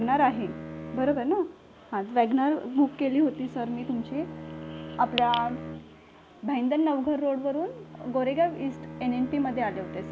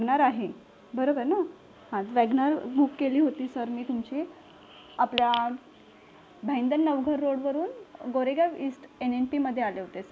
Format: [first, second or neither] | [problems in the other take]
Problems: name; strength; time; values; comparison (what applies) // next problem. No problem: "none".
second | background sound (Bowed string instrument); 14 dB below the speech